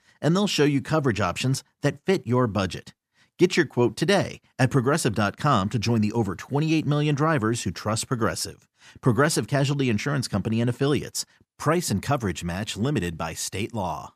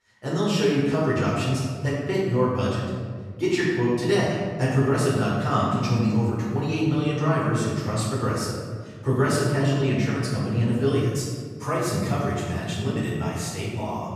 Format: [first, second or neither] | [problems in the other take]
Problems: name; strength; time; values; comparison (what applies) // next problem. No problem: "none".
first | room echo; strong; dies away in 1.7 s // off-mic speech; far